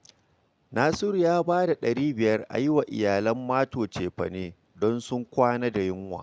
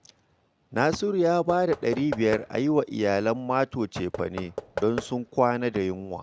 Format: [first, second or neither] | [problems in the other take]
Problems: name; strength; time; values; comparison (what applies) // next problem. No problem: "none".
first | background sound (Knock / Wood); 13 dB below the speech